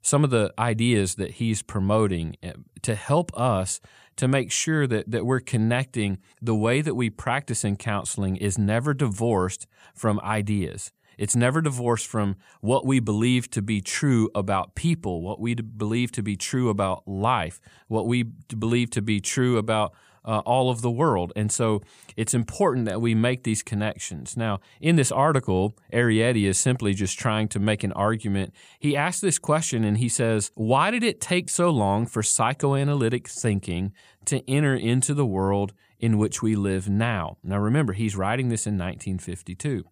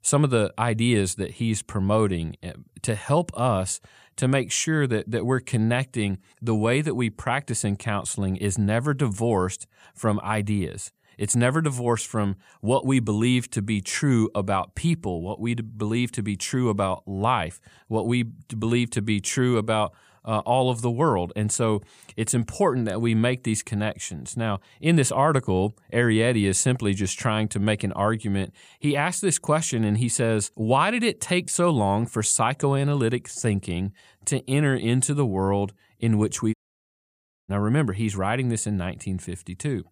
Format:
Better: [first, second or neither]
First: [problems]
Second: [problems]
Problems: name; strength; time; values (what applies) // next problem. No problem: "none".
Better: first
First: none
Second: audio cutting out; at 37 s for 1 s